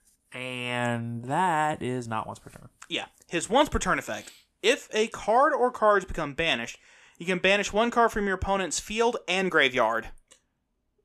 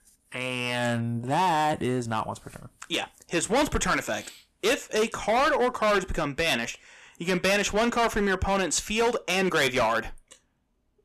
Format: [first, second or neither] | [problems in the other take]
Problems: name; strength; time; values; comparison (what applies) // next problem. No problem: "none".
first | distortion; heavy; 11% of the sound clipped